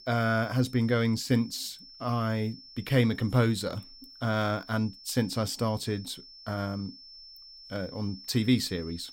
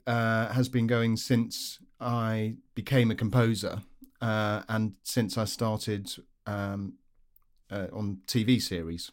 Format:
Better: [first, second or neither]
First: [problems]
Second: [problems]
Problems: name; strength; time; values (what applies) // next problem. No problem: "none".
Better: second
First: high-pitched whine; noticeable; throughout; 5.5 kHz, 20 dB below the speech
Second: none